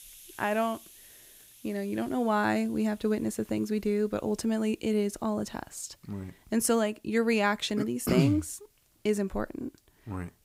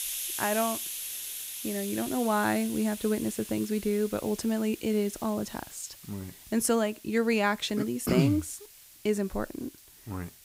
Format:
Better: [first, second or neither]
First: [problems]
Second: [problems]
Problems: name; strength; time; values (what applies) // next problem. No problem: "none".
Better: first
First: hiss; faint; throughout; 25 dB below the speech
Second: hiss; loud; throughout; 9 dB below the speech